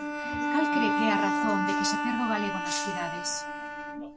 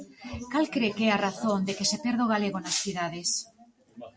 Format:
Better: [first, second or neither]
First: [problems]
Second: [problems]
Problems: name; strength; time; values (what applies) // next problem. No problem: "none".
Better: second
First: background sound (Bowed string instrument); 3 dB above the speech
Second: none